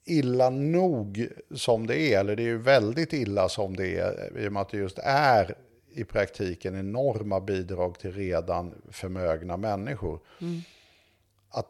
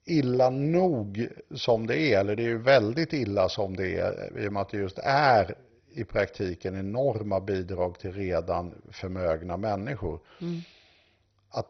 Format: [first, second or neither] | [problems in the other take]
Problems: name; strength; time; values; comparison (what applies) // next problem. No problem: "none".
first | garbled, watery; badly; nothing above 6 kHz